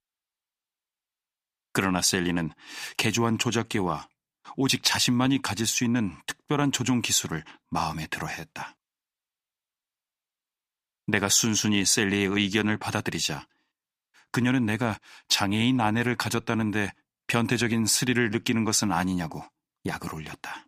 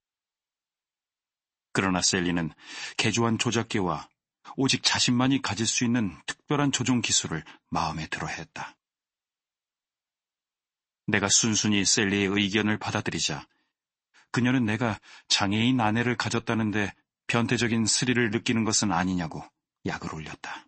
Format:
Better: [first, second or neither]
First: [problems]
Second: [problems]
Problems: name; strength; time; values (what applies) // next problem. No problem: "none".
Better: first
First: none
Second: garbled, watery; slightly; nothing above 8 kHz